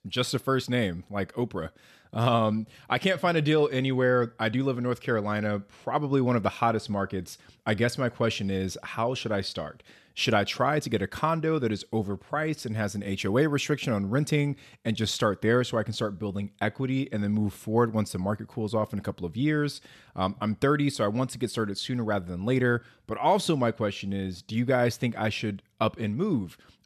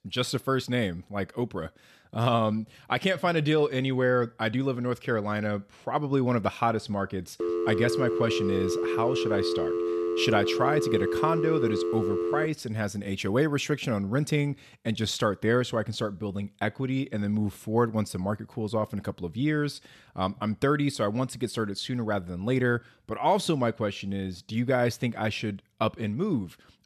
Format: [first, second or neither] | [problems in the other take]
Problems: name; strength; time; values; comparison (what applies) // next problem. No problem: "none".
first | phone ringing; loud; from 7.5 to 12 s; peak level with the speech